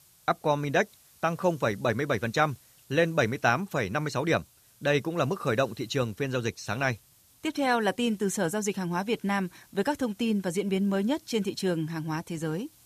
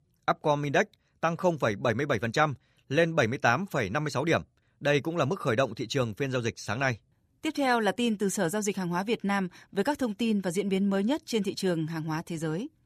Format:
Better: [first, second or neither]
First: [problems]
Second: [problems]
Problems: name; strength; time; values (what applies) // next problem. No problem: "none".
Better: second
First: hiss; faint; throughout; 30 dB below the speech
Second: none